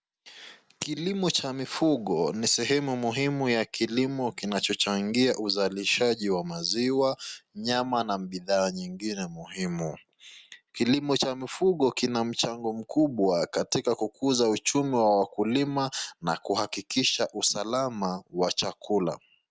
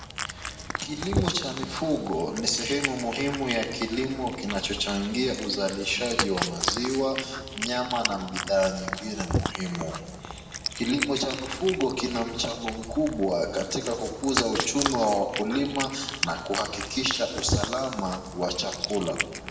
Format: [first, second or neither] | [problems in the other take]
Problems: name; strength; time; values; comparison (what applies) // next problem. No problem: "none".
first | background sound (Cat); 5 dB below the speech // room echo; dies away in 1.6 s